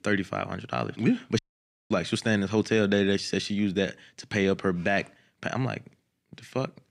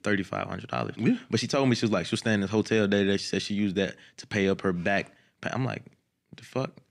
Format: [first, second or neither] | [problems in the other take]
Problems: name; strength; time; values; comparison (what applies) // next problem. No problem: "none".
second | audio cutting out; at 1.5 s for 0.5 s